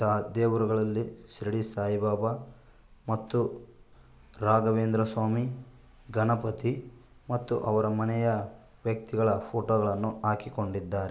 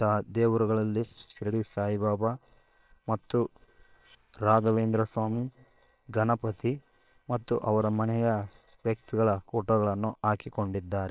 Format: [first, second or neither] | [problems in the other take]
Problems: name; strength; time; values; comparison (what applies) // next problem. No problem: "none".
first | noise reduction (neural separator model SepFormer WHAM!)